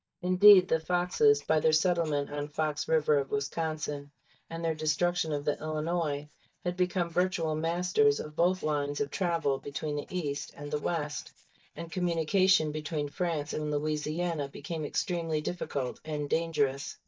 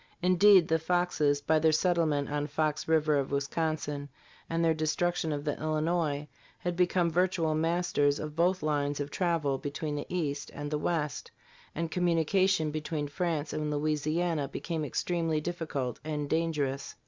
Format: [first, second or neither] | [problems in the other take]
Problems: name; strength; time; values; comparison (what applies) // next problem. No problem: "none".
second | noise reduction (neural mask model DeepFilterNet 3)